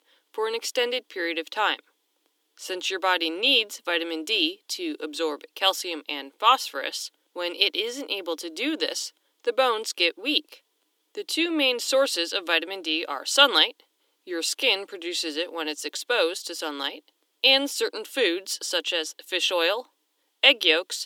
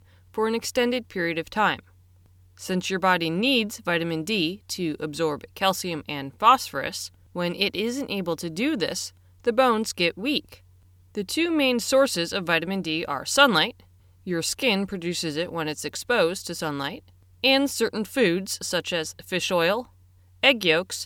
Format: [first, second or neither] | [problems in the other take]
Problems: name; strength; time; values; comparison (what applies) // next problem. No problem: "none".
second | thin; somewhat; fading below 300 Hz